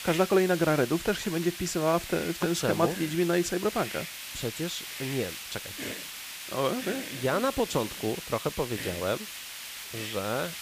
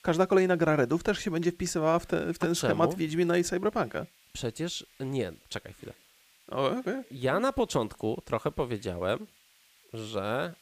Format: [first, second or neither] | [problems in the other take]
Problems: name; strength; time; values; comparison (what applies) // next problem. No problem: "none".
second | hiss; loud; throughout; 8 dB below the speech; faint in the second